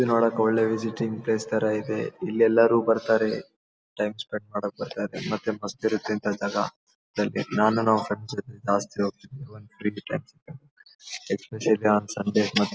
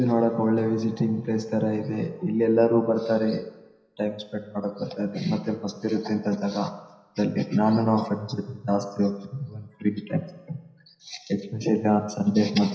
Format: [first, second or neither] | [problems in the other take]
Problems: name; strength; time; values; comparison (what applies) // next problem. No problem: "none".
first | room echo; dies away in 0.9 s